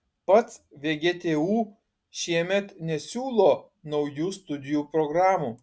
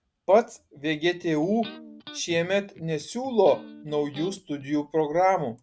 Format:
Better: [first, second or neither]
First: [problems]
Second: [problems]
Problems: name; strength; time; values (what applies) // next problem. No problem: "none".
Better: first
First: none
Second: background sound (Electric guitar); 19 dB below the speech